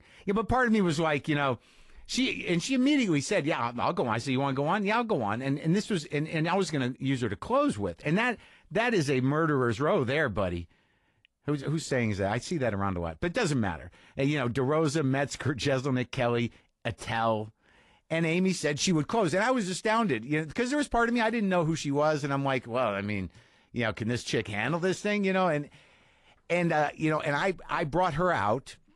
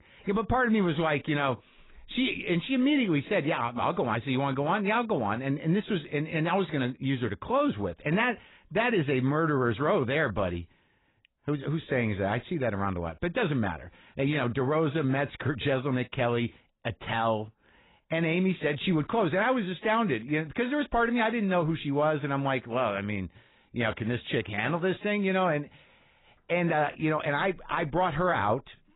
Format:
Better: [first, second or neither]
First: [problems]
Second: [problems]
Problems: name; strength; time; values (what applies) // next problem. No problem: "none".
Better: first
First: garbled, watery; slightly; nothing above 11 kHz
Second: garbled, watery; badly; nothing above 4 kHz